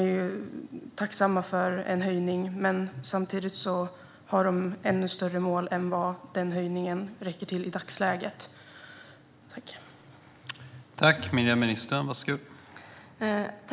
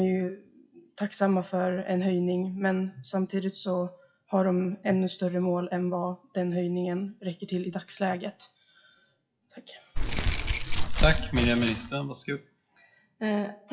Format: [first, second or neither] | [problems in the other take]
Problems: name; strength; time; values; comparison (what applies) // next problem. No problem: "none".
first | noise reduction (classical method WPE with log-MMSE)